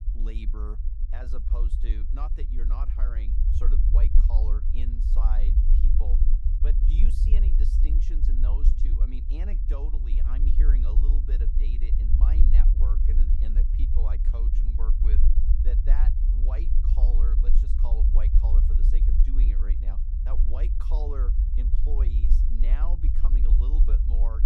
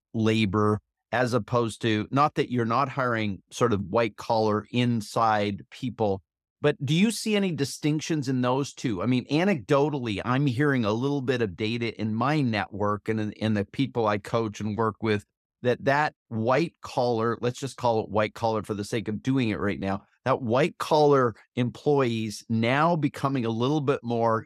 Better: second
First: low rumble; loud; throughout; 1 dB below the speech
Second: none

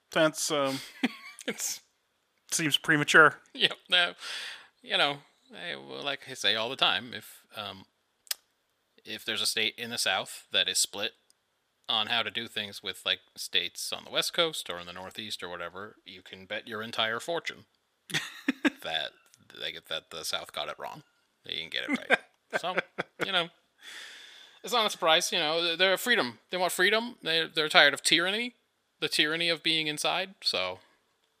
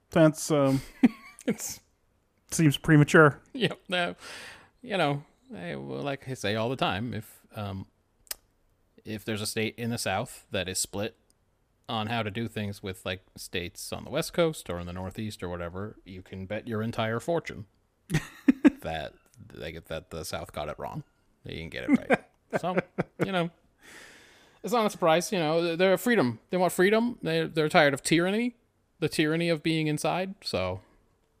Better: second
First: thin; somewhat; fading below 800 Hz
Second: none

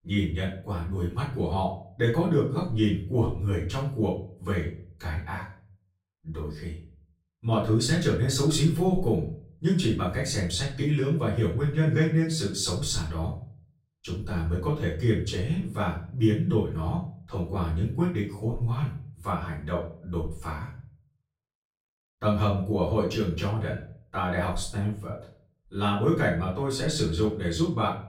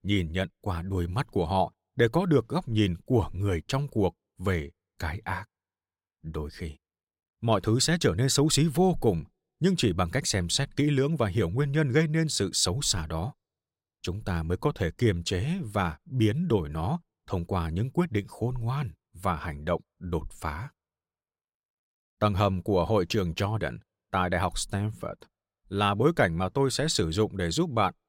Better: second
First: off-mic speech; far // room echo; noticeable; dies away in 0.4 s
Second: none

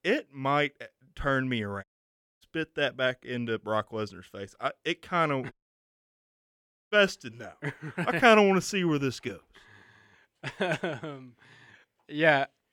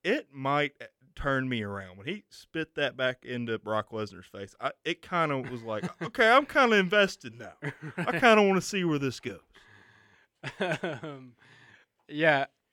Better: second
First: audio cutting out; at 2 s for 0.5 s and at 5.5 s for 1.5 s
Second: none

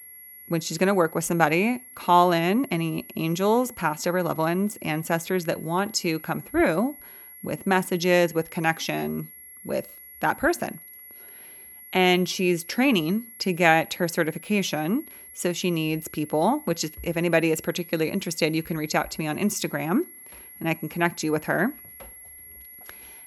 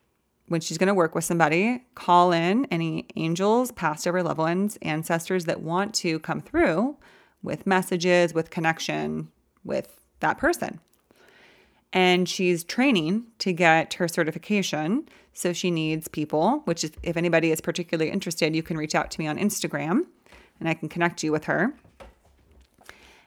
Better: second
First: high-pitched whine; noticeable; throughout; 11.5 kHz, 20 dB below the speech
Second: none

